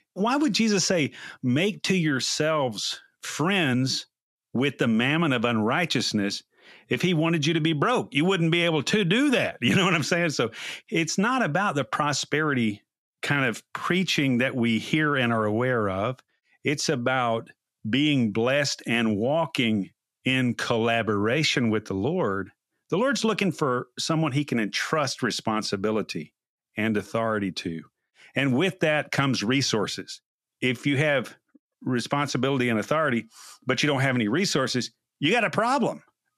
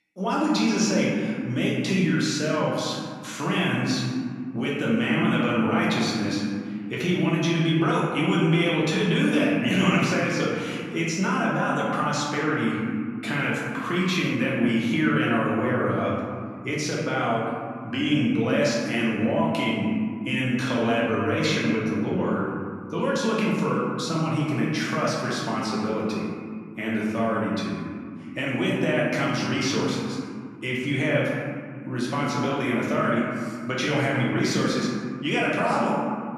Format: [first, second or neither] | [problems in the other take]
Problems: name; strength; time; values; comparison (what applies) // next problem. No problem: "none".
first | room echo; noticeable; dies away in 2 s // off-mic speech; far